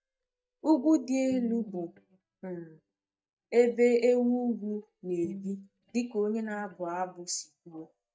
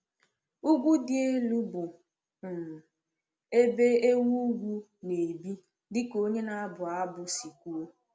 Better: second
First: noise reduction (neural mask model DeepFilterNet 3)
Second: none

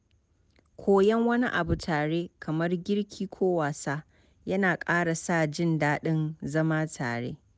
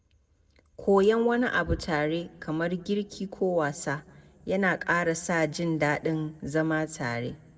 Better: first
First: none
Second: room echo; dies away in 0.5 s

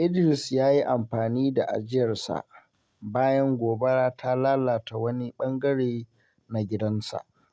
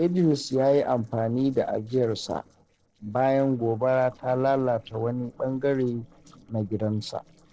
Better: first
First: none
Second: noise reduction (neural separator model SepFormer DNS4)

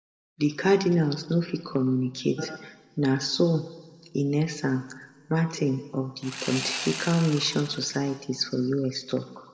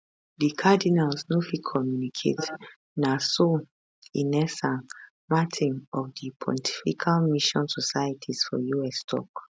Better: second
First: background sound (Sawing); 10 dB below the speech // room echo; dies away in 1.2 s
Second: none

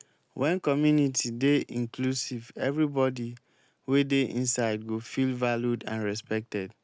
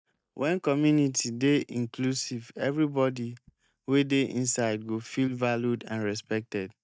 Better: first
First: none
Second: noise reduction (neural mask model DeepFilterNet 3)

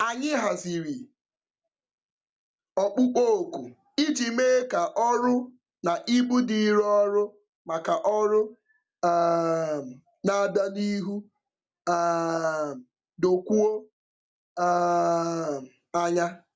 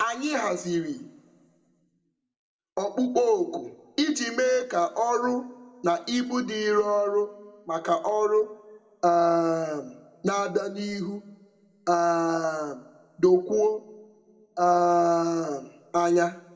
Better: first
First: none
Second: room echo; dies away in 0.8 s

